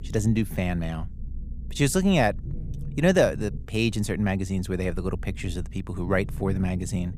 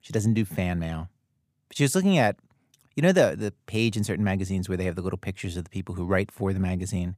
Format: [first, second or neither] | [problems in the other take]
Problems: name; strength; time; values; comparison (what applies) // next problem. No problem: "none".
second | low rumble; faint; throughout; 25 dB below the speech